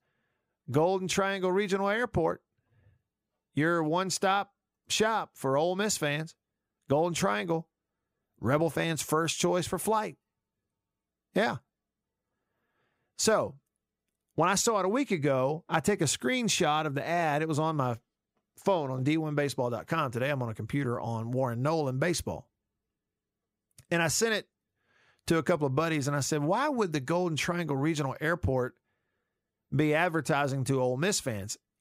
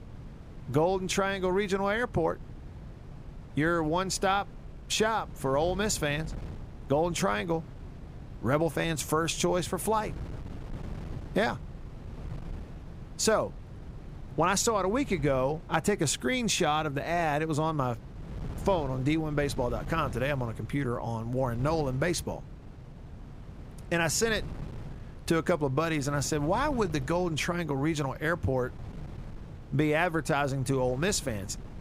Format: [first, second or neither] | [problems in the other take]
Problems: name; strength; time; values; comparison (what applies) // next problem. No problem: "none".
first | wind noise on the microphone; occasional gusts; 20 dB below the speech